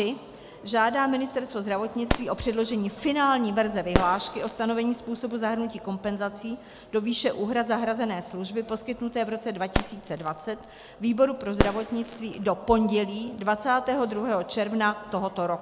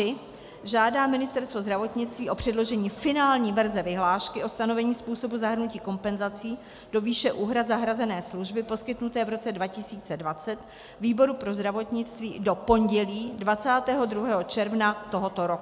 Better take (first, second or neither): second